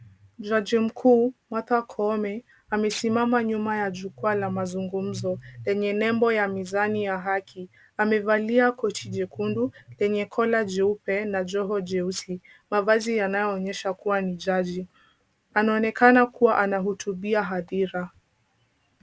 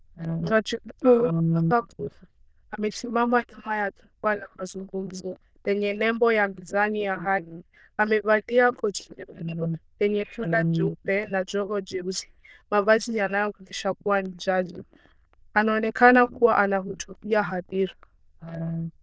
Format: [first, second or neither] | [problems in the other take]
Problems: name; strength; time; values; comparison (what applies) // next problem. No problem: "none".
first | noise reduction (neural diffusion model UNIVERSE++)